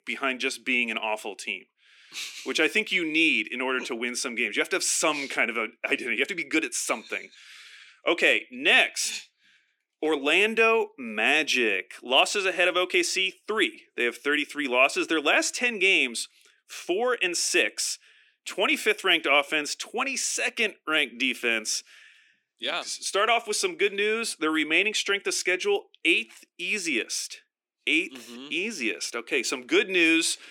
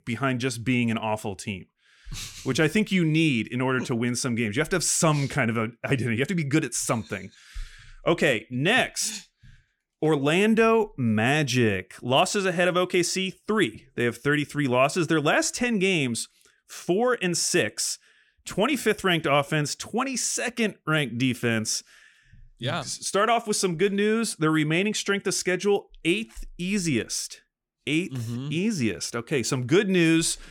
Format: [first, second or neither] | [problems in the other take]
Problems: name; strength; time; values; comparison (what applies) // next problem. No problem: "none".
second | thin; somewhat; fading below 300 Hz